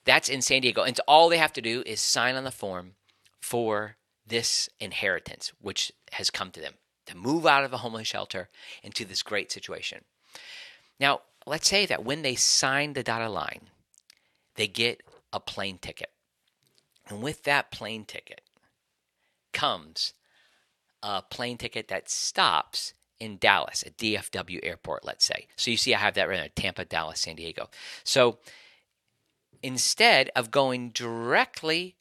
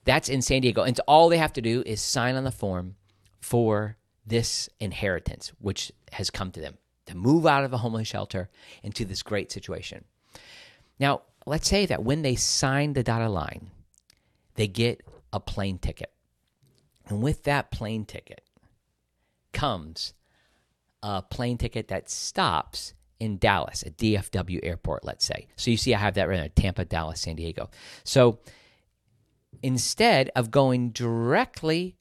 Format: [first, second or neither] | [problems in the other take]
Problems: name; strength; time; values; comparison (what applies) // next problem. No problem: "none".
second | thin; somewhat; fading below 650 Hz